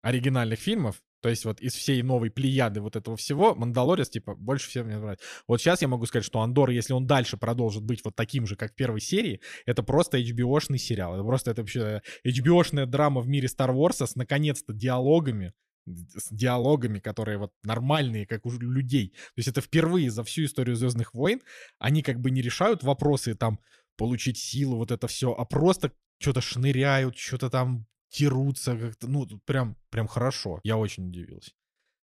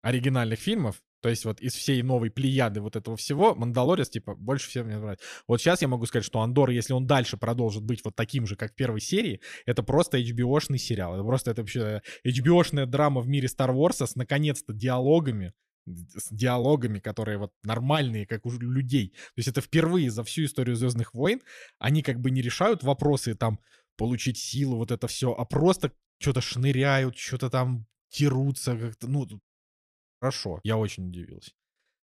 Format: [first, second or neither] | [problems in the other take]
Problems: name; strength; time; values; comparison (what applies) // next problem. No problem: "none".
first | audio cutting out; at 29 s for 1 s